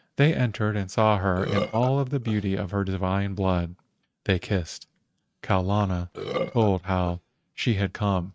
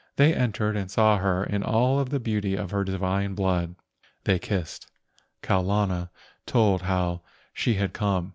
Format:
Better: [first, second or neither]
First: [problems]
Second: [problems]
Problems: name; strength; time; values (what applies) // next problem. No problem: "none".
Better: second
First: noise reduction (neural mask model RNNoise)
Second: none